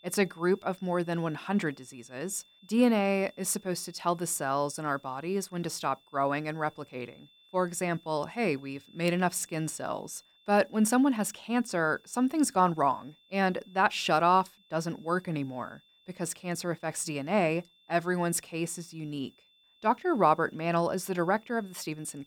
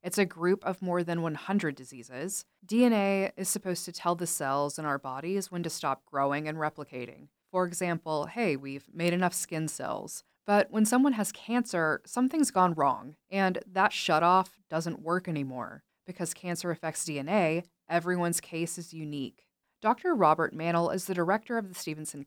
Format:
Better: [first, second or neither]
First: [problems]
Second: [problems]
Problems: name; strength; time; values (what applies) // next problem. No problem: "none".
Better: second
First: high-pitched whine; faint; throughout; 3.5 kHz, 30 dB below the speech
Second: none